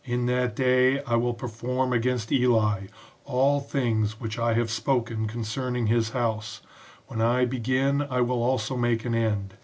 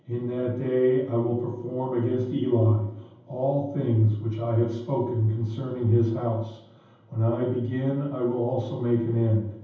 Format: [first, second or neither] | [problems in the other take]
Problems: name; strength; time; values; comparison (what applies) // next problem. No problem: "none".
first | room echo; dies away in 0.9 s